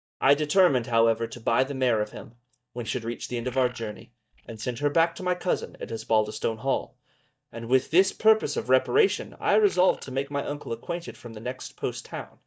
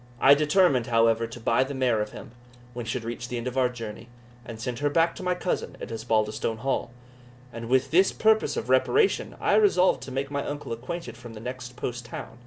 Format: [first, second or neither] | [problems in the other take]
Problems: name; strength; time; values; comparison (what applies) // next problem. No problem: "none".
second | noise reduction (neural mask model DeepFilterNet 3)